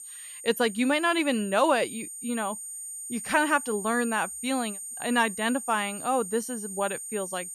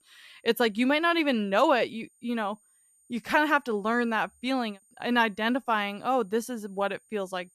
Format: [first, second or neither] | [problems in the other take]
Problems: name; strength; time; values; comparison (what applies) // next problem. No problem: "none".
second | high-pitched whine; loud; throughout; 8.5 kHz, 9 dB below the speech; faint in the second